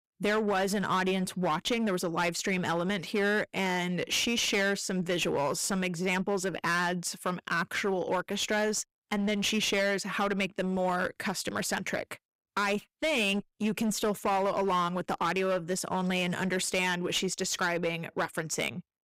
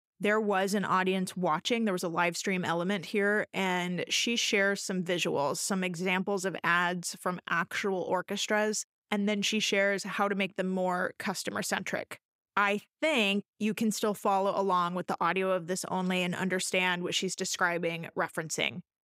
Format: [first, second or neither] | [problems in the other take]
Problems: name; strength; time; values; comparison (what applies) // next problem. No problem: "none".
second | distortion; slight; 12% of the sound clipped